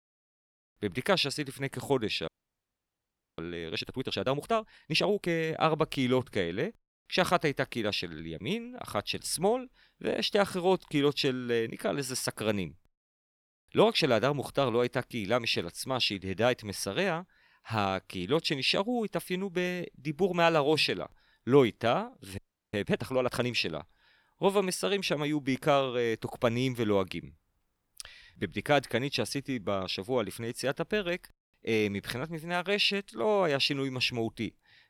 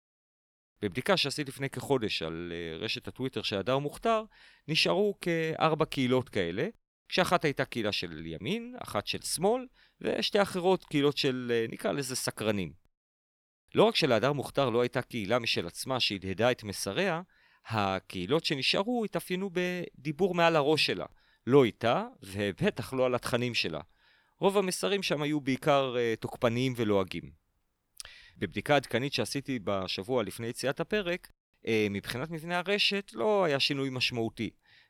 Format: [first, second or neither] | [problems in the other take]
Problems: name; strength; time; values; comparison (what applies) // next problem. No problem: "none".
second | audio freezing; at 2.5 s for 1 s and at 22 s